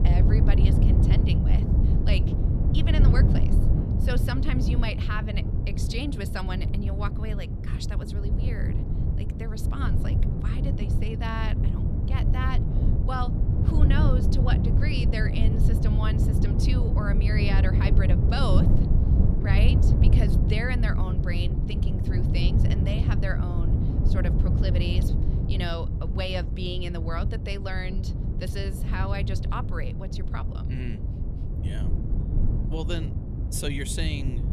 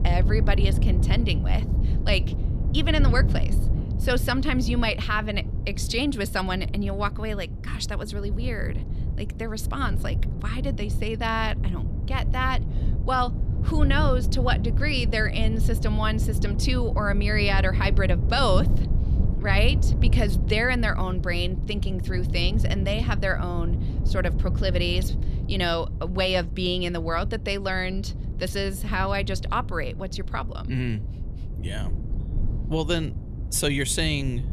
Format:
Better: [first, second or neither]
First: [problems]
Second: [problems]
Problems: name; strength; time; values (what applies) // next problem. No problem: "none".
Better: second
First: wind noise on the microphone; heavy; 3 dB below the speech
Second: wind noise on the microphone; occasional gusts; 15 dB below the speech